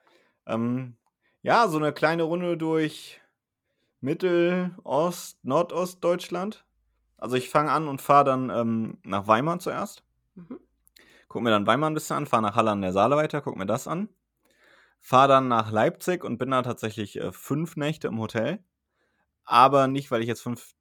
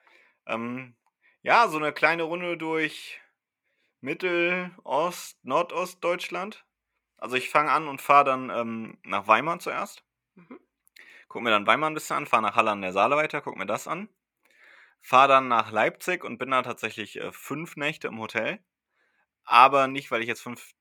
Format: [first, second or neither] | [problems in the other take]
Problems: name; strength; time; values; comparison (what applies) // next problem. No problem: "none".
first | thin; very slightly; fading below 350 Hz